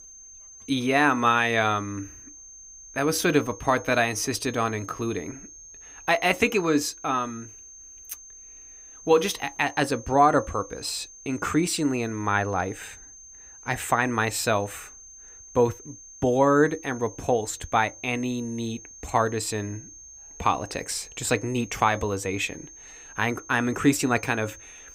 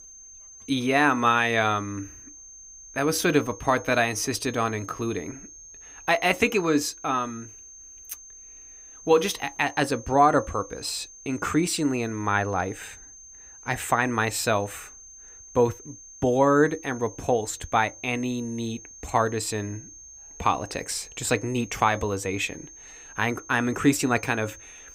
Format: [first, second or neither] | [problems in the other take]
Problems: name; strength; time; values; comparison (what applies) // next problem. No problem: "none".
neither | high-pitched whine; noticeable; throughout; 6.5 kHz, 20 dB below the speech; the same in both